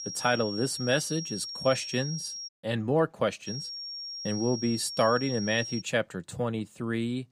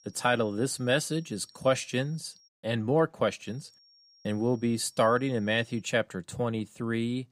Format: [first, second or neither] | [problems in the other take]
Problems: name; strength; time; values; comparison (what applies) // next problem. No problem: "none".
second | high-pitched whine; loud; until 2.5 s and from 3.5 to 6 s; 5.5 kHz, 7 dB below the speech; faint in the second